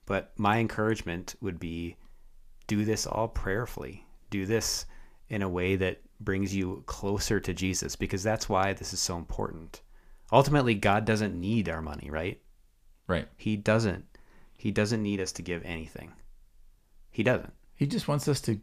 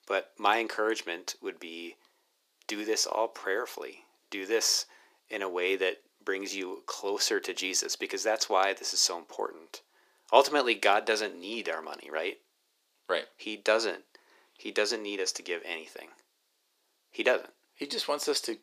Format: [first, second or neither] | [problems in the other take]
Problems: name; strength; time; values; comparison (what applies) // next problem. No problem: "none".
first | thin; very; fading below 350 Hz